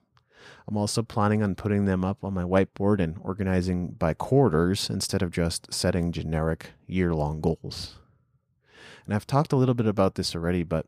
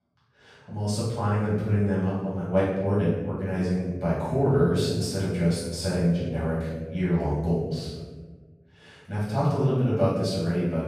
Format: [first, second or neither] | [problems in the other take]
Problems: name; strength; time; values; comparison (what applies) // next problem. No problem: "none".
first | off-mic speech; far // room echo; strong; dies away in 1.3 s